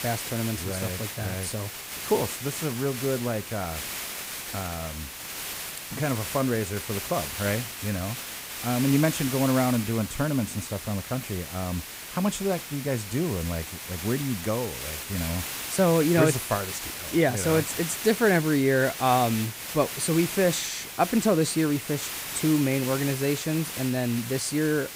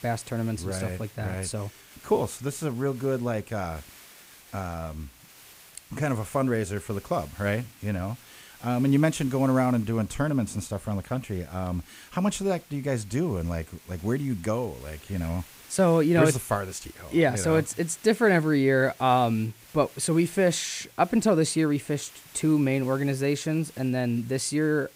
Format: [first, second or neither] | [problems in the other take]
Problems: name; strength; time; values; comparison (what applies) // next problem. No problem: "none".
second | hiss; loud; throughout; 7 dB below the speech; faint in the second